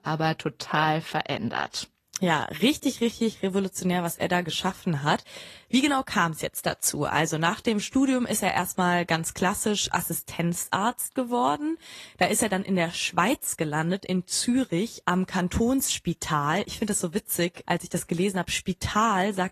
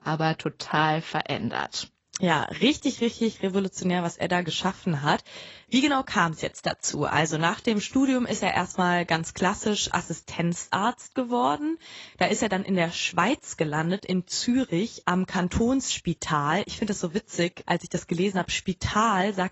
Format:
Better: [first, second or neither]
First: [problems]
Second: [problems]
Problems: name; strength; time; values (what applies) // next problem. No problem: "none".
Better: first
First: garbled, watery; slightly; nothing above 13.5 kHz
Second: garbled, watery; badly; nothing above 7.5 kHz